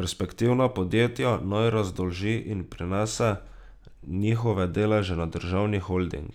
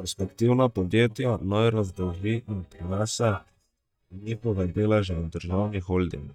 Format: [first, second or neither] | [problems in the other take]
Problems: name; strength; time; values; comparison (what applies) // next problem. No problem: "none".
first | noise reduction (neural mask model DeepFilterNet 3)